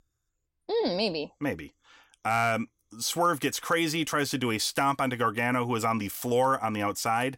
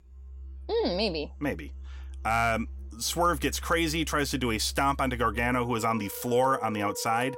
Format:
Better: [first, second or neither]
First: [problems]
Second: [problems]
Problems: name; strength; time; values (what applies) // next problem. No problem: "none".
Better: first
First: none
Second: background music; noticeable; throughout; 15 dB below the speech